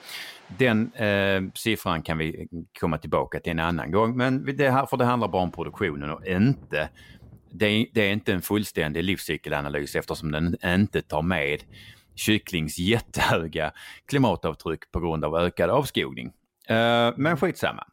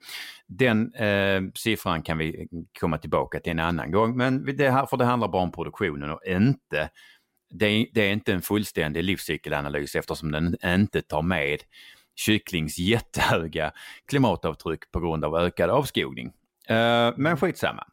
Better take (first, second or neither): second